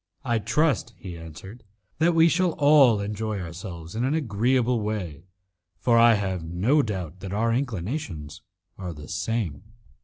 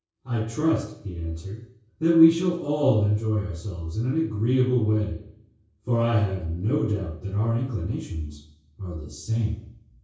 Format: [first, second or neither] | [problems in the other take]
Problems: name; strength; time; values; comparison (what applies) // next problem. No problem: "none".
first | room echo; dies away in 0.6 s